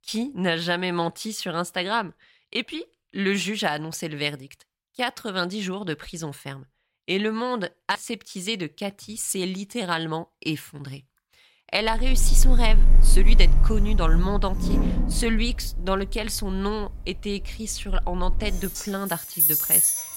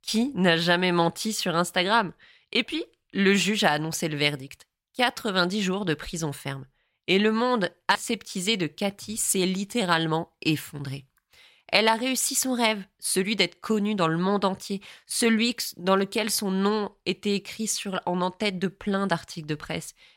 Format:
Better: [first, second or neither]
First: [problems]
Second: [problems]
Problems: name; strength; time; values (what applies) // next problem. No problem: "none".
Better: second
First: household noises; very loud; from 12 s on; 4 dB above the speech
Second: none